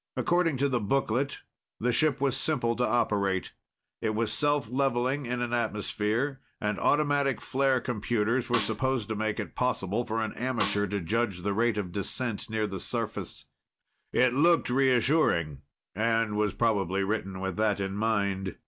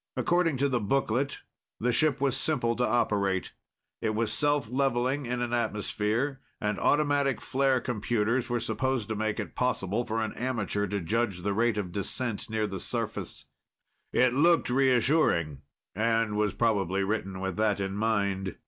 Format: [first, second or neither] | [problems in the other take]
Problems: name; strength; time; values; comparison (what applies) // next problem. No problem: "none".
second | background sound (Snare drum); 7 dB below the speech